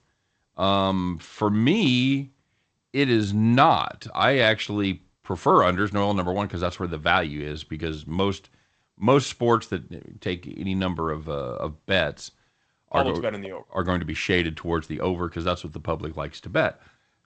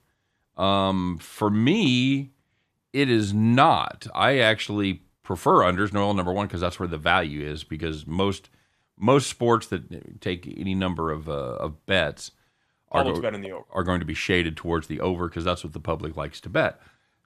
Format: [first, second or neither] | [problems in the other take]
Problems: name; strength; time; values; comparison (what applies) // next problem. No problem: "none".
second | garbled, watery; slightly; nothing above 8 kHz